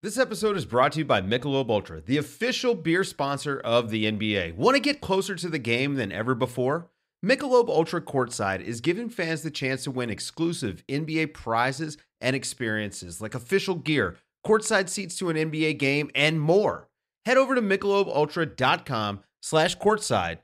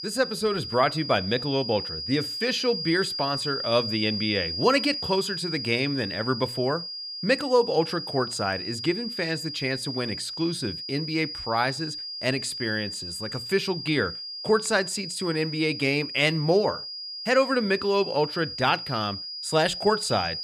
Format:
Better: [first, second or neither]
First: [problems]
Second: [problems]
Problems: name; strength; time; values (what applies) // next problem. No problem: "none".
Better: first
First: none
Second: high-pitched whine; loud; throughout; 5 kHz, 6 dB below the speech